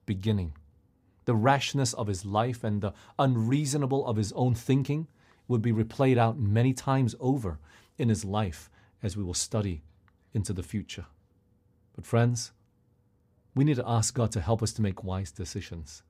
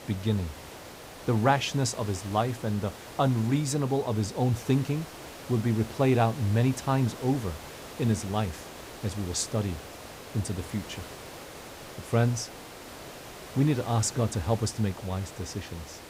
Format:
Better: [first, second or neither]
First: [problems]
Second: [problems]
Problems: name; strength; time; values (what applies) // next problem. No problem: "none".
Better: first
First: none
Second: hiss; noticeable; throughout; 15 dB below the speech